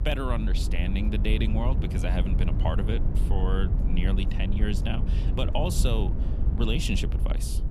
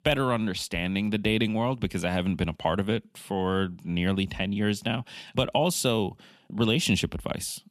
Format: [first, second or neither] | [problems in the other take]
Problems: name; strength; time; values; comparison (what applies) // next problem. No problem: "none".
second | low rumble; loud; throughout; 8 dB below the speech